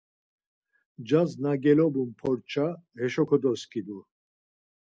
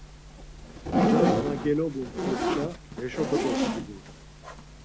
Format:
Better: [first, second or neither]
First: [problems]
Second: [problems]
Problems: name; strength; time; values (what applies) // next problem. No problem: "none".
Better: first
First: none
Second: background sound (Zipper (clothing)); 4 dB above the speech